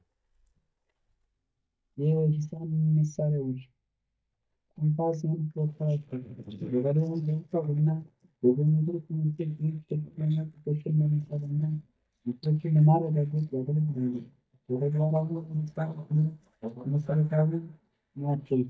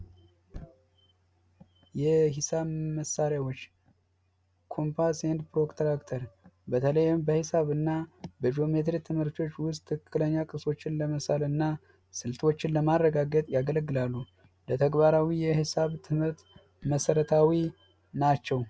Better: second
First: noise reduction (neural mask model DeepFilterNet 3)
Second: none

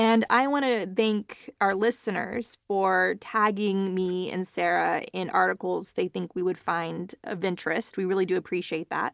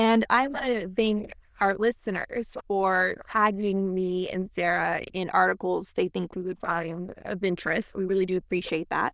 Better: first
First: none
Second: noise reduction (neural diffusion model UNIVERSE++)

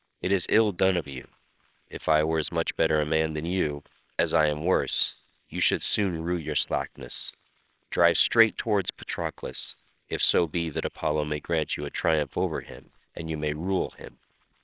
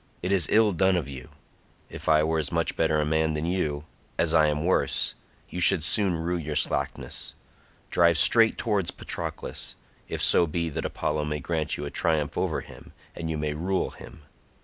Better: second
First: noise reduction (neural separator model SepFormer WHAMR!)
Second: none

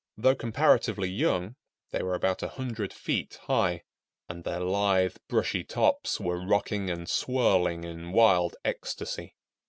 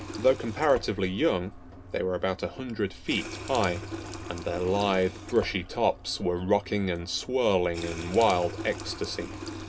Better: first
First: none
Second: background sound (Water tap, faucet); 12 dB below the speech // room echo; dies away in 0.3 s

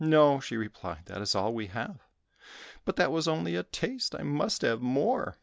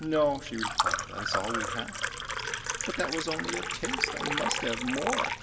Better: first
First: none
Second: background sound (Liquid); 1 dB above the speech // room echo; dies away in 2.4 s

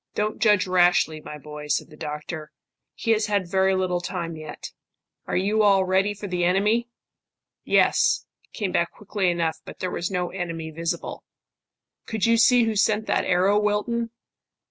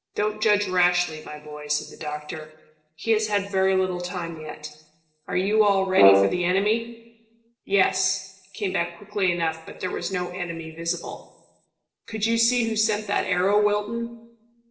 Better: first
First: none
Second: noise reduction (neural separator model SepFormer DNS4)

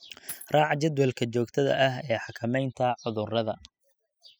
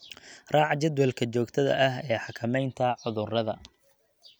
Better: second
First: noise reduction (classical method spectral subtraction)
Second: none

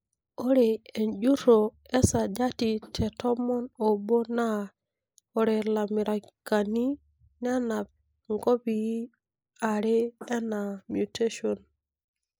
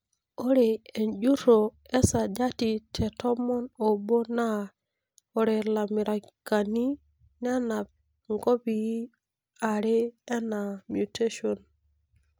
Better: second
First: noise reduction (neural mask model Resemble Enhance denoiser)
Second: none

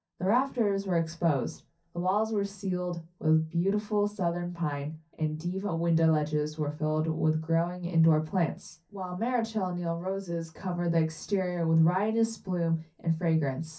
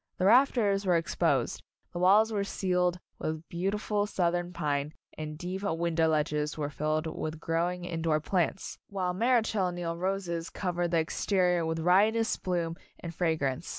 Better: second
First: room echo; dies away in 0.3 s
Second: none

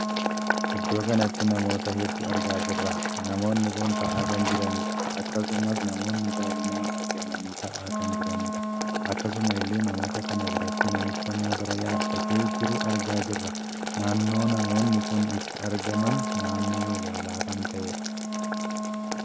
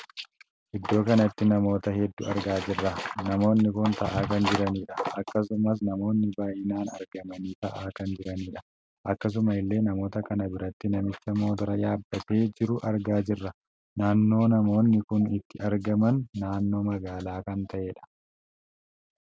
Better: second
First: background sound (Wind instrument, woodwind instrument + Boiling); as loud as the speech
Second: none

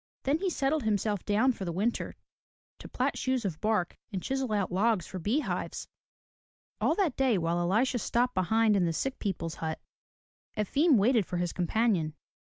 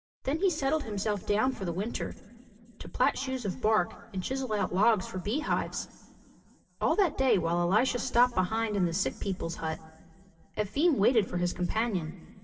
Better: first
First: none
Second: room echo; dies away in 2.8 s

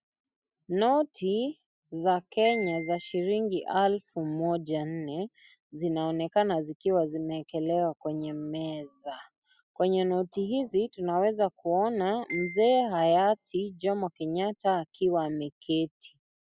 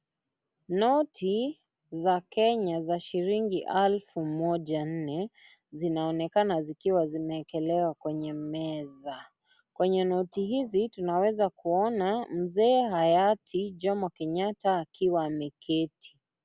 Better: second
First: noise reduction (classical method spectral subtraction)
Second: none

